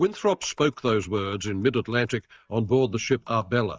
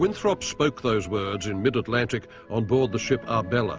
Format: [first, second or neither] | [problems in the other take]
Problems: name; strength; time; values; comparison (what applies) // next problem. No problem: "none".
second | noise reduction (neural mask model DeepFilterNet 3)